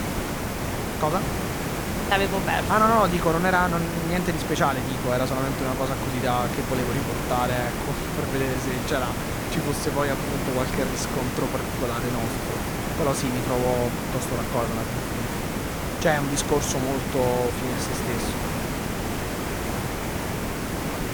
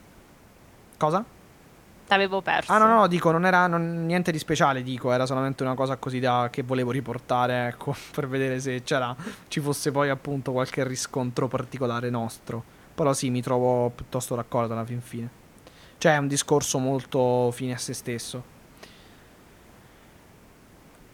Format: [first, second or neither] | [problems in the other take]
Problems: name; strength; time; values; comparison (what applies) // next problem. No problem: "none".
second | hiss; loud; throughout; 2 dB below the speech; faint in the second